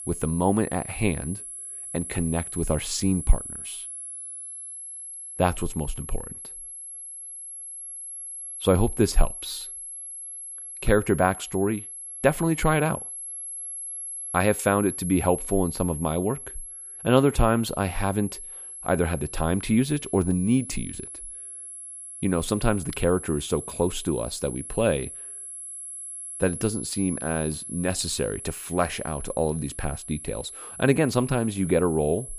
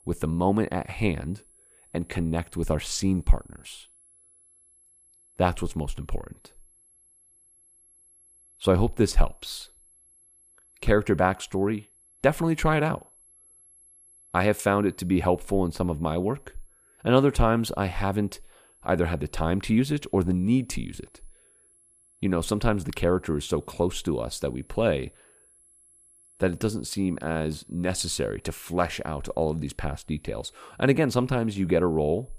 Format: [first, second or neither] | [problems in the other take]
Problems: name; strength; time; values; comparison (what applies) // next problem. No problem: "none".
second | high-pitched whine; loud; throughout; 11 kHz, 9 dB below the speech; faint in the second